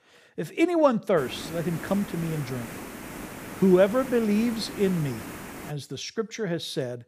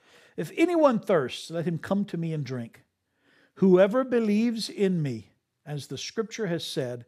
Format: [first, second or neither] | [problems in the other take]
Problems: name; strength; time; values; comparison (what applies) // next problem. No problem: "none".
second | hiss; noticeable; from 1 to 5.5 s; 15 dB below the speech